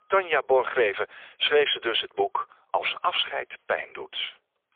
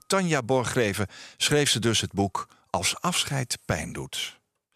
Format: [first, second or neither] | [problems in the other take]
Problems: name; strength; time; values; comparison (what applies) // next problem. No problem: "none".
second | phone-call audio; poor line; nothing above 3.5 kHz